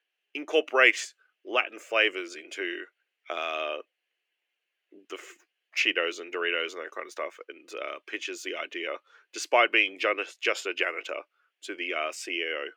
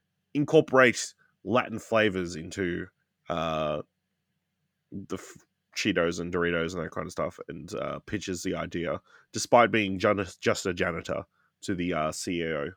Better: second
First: thin; very; fading below 350 Hz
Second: none

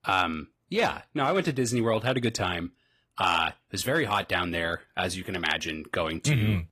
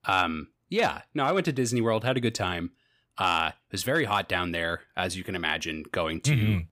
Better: second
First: garbled, watery; slightly; nothing above 14.5 kHz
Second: none

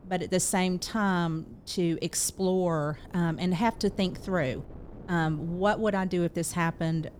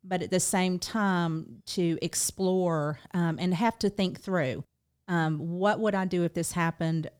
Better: second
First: wind noise on the microphone; occasional gusts; 25 dB below the speech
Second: none

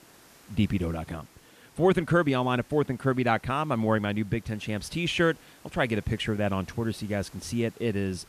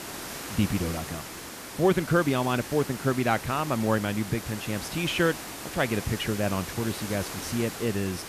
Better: first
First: hiss; faint; throughout; 25 dB below the speech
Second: hiss; loud; throughout; 9 dB below the speech

